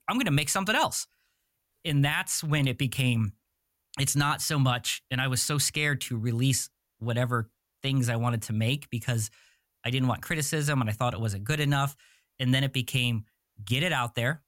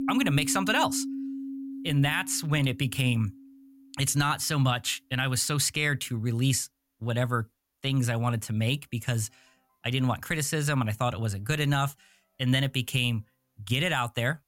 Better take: first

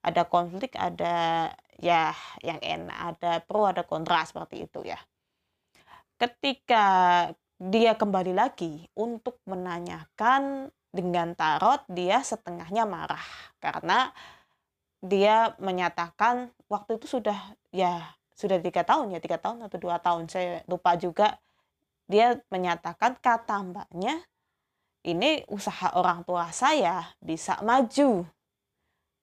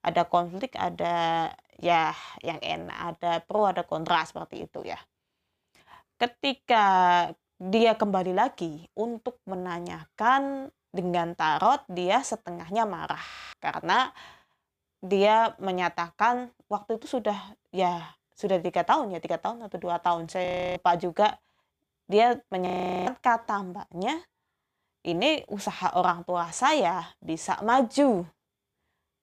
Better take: first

